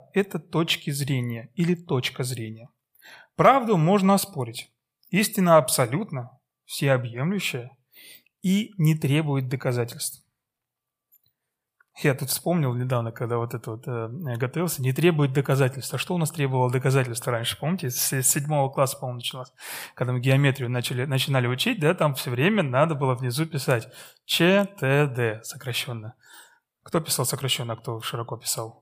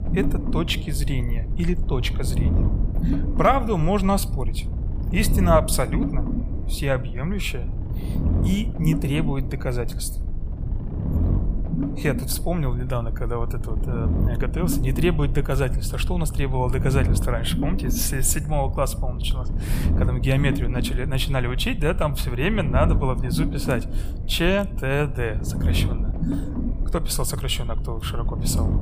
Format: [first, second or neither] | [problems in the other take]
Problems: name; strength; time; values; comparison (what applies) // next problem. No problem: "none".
first | low rumble; loud; throughout; 10 dB below the speech